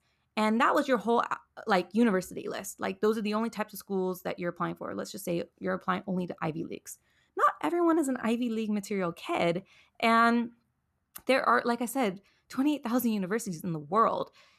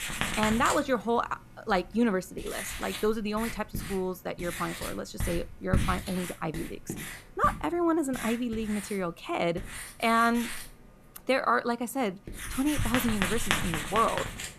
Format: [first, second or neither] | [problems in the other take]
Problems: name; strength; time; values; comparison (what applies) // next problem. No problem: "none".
first | household noises; loud; throughout; 5 dB below the speech